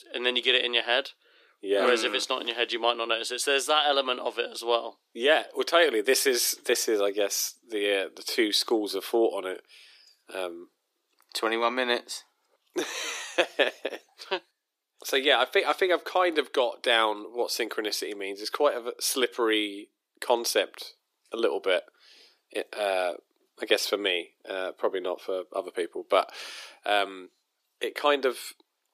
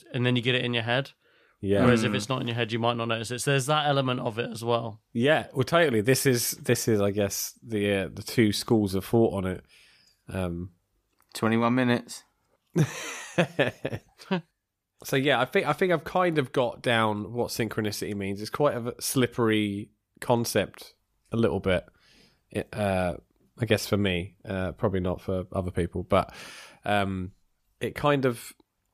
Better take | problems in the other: second | thin; very; fading below 300 Hz

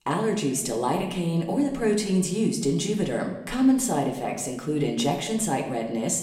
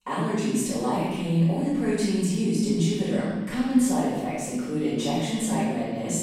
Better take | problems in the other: first | room echo; strong; dies away in 1.4 s; slight in the first // off-mic speech; far; somewhat distant in the first

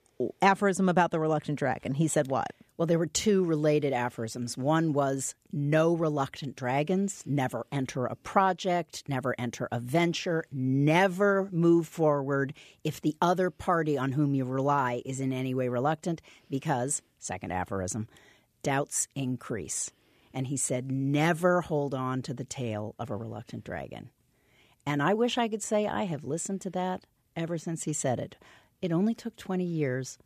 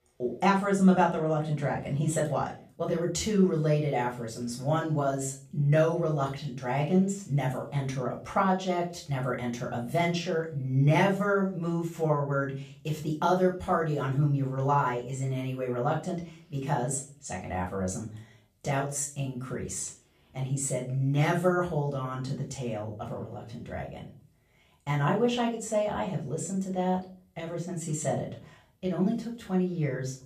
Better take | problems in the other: first | off-mic speech; far // room echo; slight; dies away in 0.4 s

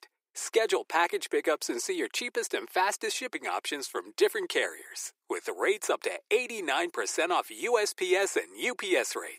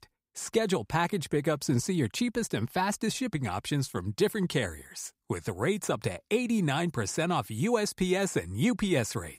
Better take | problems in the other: second | thin; very; fading below 350 Hz

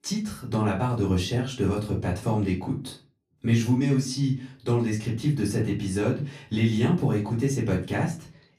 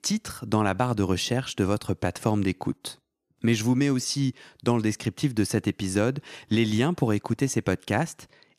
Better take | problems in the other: second | off-mic speech; far // room echo; slight; dies away in 0.3 s

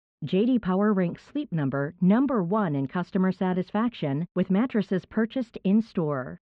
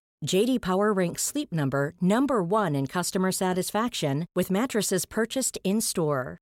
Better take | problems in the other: second | muffled; very; fading above 3 kHz

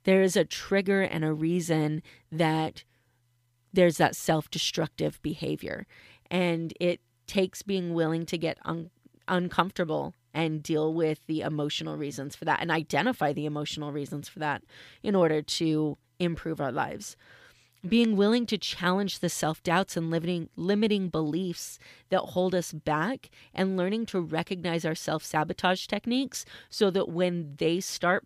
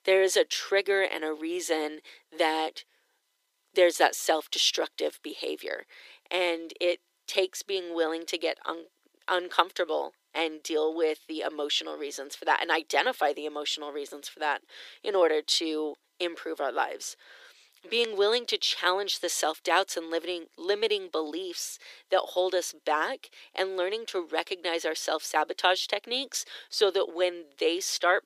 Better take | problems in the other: first | thin; very; fading below 350 Hz

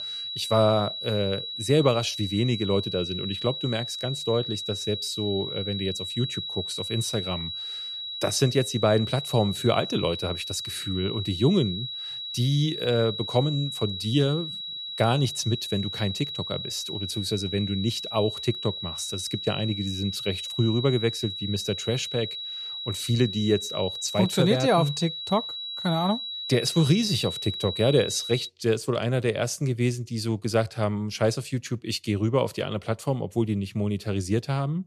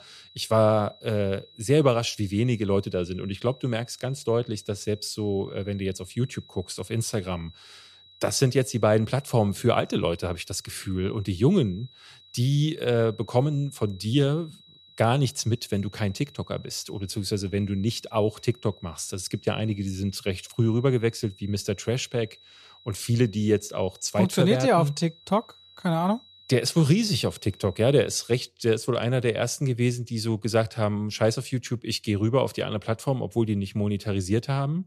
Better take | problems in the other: second | high-pitched whine; loud; until 28 s; 4 kHz, 5 dB below the speech; faint in the second

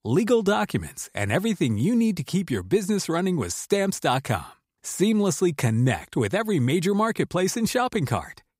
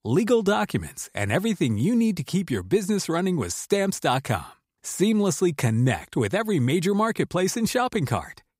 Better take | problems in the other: neither | none

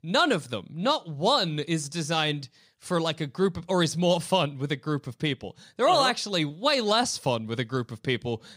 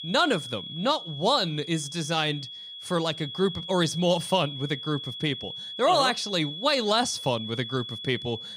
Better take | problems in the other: first | high-pitched whine; loud; throughout; 3.5 kHz, 9 dB below the speech

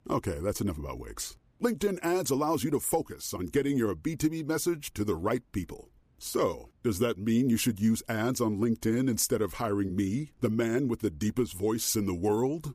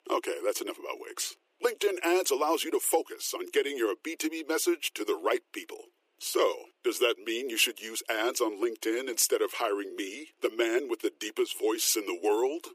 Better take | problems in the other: first | thin; very; fading below 350 Hz

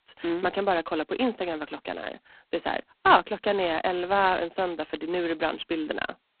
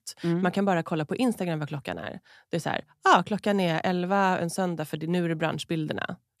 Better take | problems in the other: second | phone-call audio; poor line; nothing above 4 kHz

